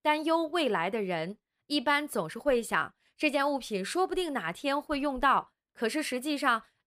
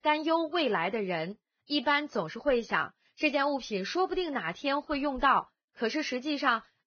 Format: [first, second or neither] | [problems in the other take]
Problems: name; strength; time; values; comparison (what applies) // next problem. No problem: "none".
first | garbled, watery; badly; nothing above 6 kHz